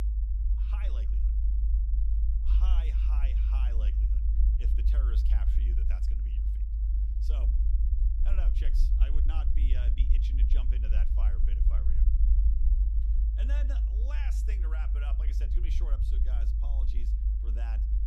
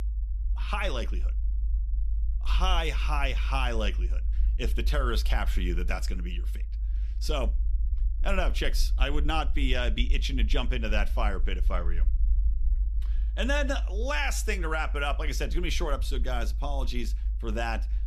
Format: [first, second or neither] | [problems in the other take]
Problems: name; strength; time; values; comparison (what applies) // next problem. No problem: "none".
second | low rumble; loud; throughout; 1 dB below the speech; faint in the second